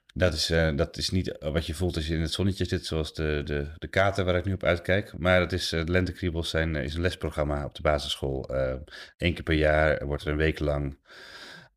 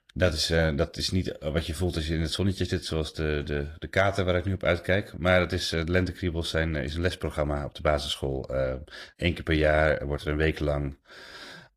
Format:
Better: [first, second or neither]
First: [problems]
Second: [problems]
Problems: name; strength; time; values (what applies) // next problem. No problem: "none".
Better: first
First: none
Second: garbled, watery; slightly; nothing above 15 kHz